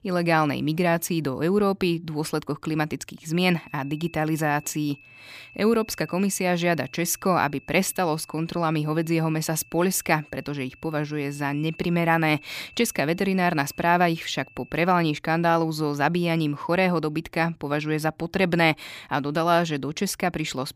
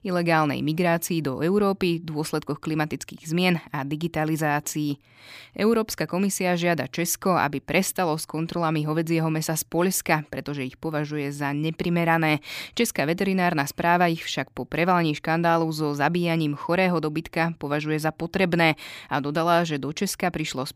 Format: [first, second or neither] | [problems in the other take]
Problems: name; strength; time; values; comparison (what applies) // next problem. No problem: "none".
second | high-pitched whine; faint; from 3.5 to 15 s; 2.5 kHz, 25 dB below the speech